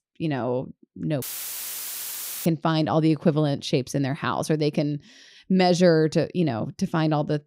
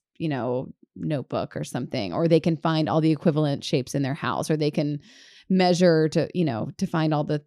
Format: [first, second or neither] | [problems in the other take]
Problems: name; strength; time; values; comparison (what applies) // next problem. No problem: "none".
second | audio cutting out; filled with static; at 1 s for 1 s